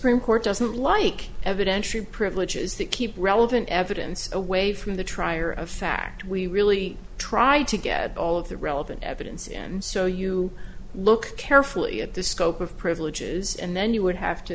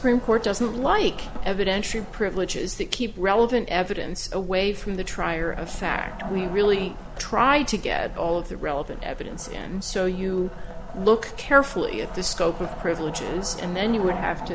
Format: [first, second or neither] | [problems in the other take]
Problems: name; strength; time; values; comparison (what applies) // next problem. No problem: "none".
first | background sound (Wood); 15 dB below the speech